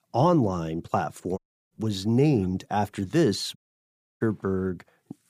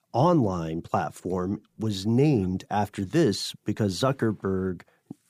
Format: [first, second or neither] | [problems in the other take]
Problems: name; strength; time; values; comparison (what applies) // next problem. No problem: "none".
second | audio cutting out; at 1.5 s and at 3.5 s for 0.5 s